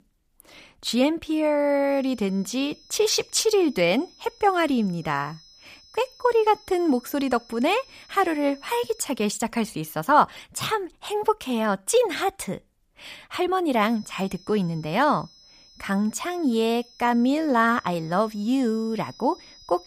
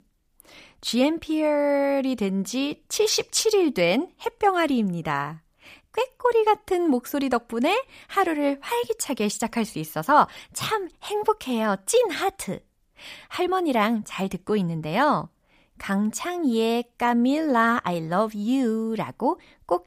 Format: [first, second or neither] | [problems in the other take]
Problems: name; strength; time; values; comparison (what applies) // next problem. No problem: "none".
second | high-pitched whine; faint; from 2 to 9 s and from 14 s on; 5 kHz, 25 dB below the speech